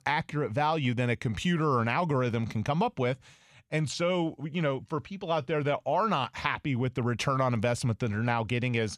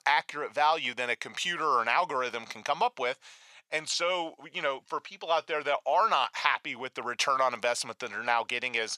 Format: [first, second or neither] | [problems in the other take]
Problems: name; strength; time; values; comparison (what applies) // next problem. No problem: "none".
first | thin; very; fading below 750 Hz